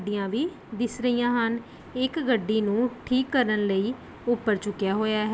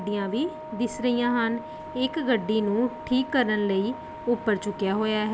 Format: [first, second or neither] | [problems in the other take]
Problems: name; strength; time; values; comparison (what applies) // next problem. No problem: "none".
first | background sound (Wind instrument, woodwind instrument); 14 dB below the speech